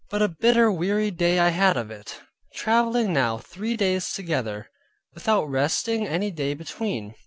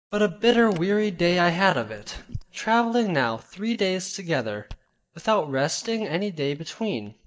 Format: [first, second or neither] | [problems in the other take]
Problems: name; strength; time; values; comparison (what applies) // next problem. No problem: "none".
first | noise reduction (neural mask model DeepFilterNet 3)